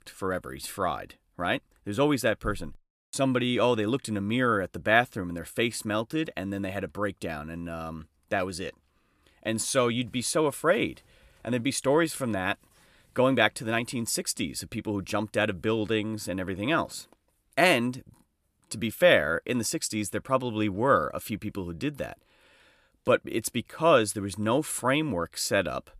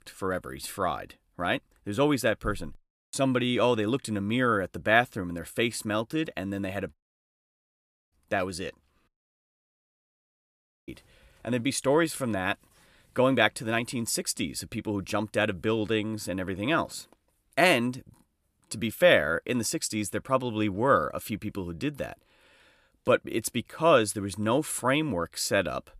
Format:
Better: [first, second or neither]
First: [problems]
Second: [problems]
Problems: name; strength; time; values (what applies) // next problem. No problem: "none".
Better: first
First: none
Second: audio cutting out; at 7 s for 1 s and at 9 s for 2 s